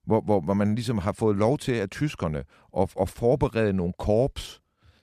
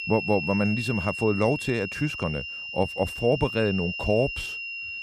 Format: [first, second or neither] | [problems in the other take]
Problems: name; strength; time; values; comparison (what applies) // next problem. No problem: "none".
first | high-pitched whine; loud; throughout; 3 kHz, 5 dB below the speech